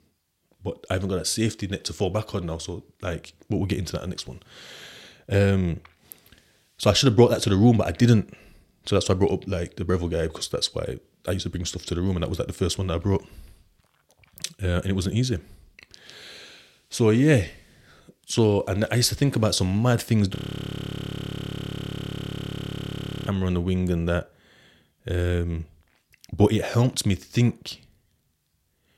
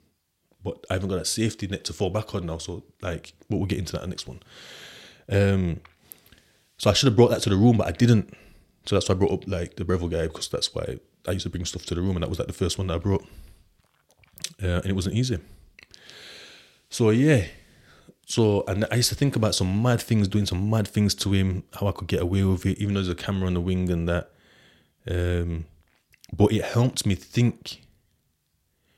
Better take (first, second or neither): second